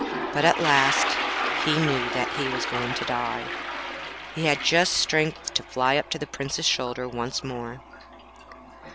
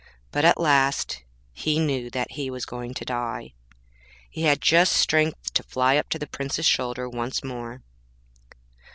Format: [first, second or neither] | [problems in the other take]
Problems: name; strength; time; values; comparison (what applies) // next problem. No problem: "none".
second | background sound (Toilet flush); 4 dB below the speech